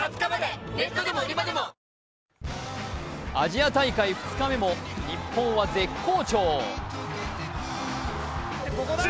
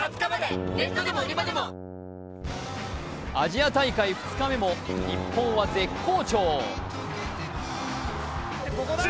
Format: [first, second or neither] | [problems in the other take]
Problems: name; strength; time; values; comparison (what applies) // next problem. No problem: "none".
first | background sound (Keyboard (musical)); 9 dB below the speech